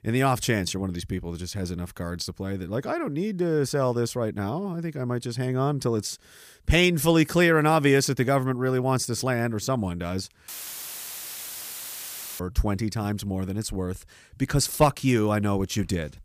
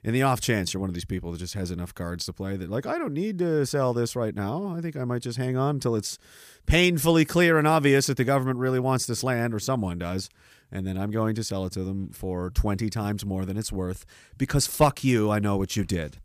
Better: second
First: audio cutting out; filled with static; at 10 s for 2 s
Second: none

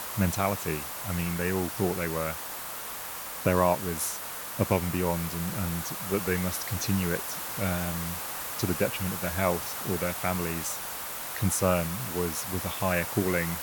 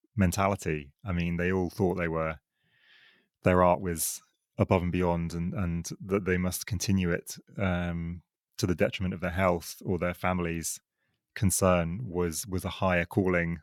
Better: second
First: hiss; loud; throughout; 3 dB below the speech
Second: none

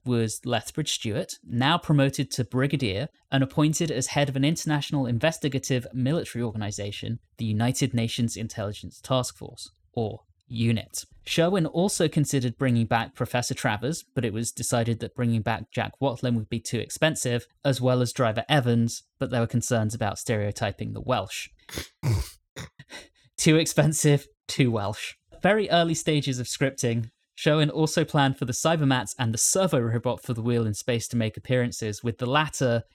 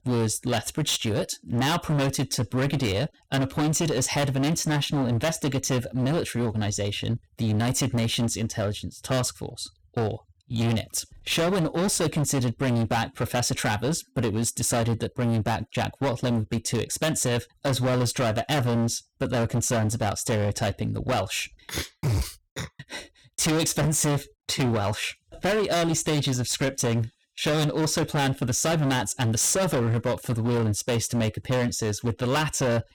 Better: first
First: none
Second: distortion; heavy; 22% of the sound clipped

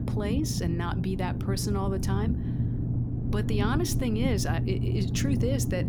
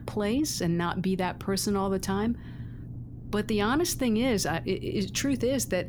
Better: second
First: low rumble; loud; throughout; 5 dB below the speech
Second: low rumble; faint; throughout; 20 dB below the speech

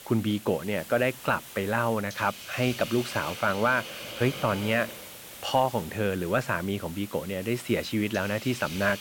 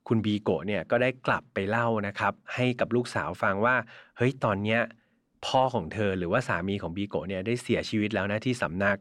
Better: second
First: hiss; noticeable; throughout; 10 dB below the speech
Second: none

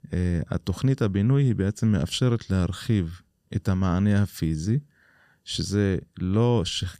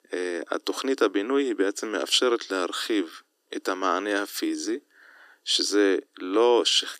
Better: first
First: none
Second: thin; very; fading below 300 Hz

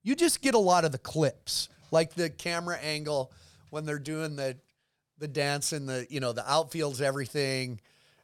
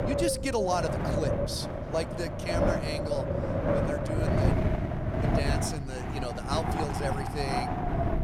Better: first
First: none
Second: wind noise on the microphone; heavy; 2 dB above the speech

